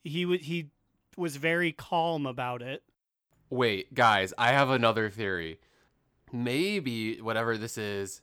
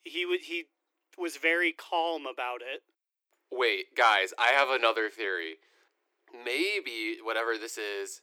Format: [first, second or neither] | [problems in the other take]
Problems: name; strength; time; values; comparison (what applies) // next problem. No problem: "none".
first | thin; very; fading below 300 Hz